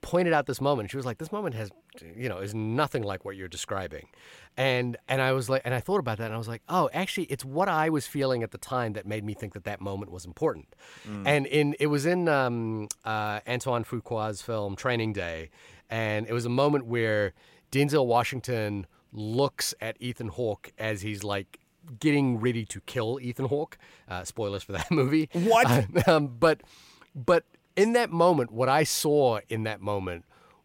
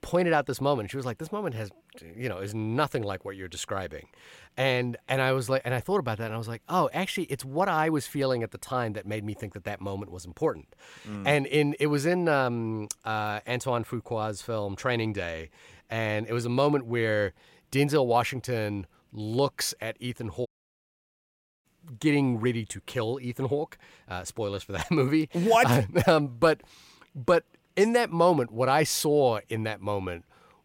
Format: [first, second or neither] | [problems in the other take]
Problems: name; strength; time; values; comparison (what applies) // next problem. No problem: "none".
first | audio cutting out; at 20 s for 1 s